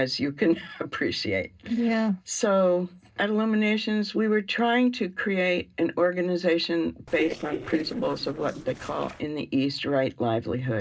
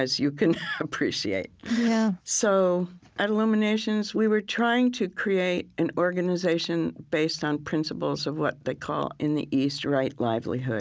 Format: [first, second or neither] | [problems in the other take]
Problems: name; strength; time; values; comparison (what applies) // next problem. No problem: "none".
second | noise reduction (neural separator model SepFormer DNS4)